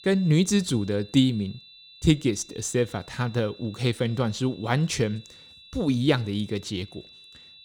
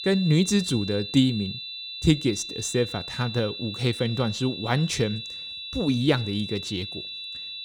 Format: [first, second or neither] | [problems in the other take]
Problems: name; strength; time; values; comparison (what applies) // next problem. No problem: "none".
first | high-pitched whine; loud; throughout; 4 kHz, 8 dB below the speech; faint in the first